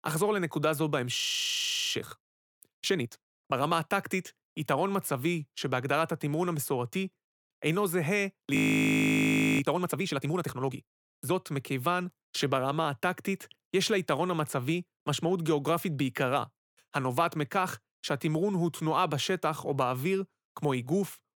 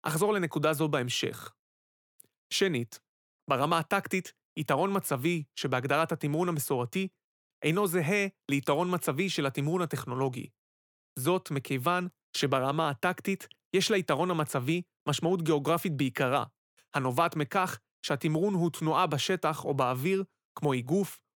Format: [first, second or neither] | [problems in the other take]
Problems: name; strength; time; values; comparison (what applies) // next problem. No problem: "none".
second | audio freezing; at 1 s for 0.5 s and at 8.5 s for 1 s